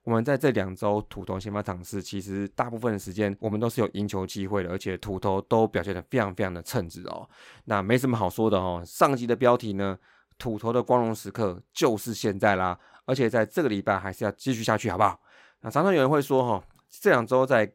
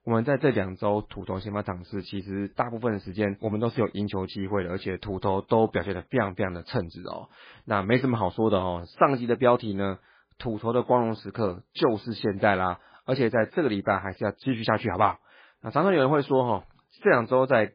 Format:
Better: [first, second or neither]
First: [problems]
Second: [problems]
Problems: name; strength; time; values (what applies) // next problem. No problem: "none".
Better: first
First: none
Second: garbled, watery; badly; nothing above 4.5 kHz